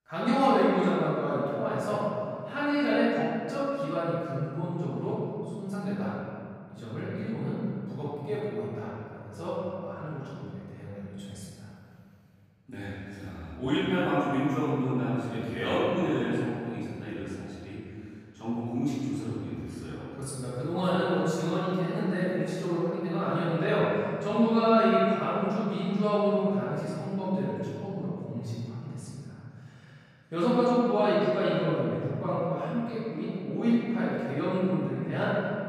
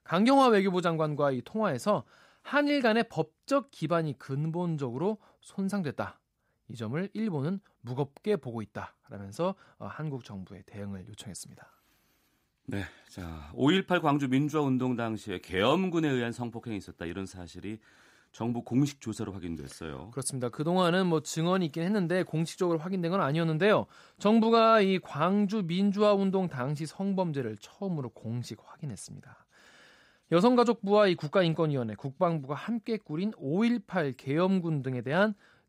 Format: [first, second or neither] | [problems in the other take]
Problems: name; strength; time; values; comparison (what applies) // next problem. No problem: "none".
second | off-mic speech; far // room echo; strong; dies away in 2.3 s